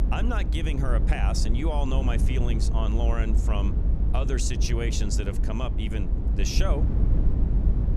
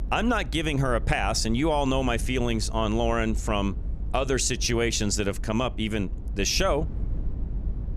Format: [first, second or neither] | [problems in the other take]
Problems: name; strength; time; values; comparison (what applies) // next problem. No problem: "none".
second | low rumble; loud; throughout; 7 dB below the speech; faint in the second